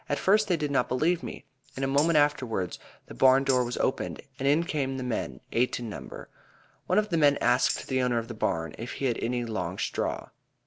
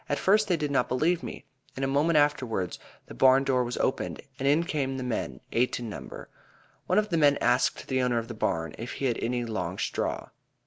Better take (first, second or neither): second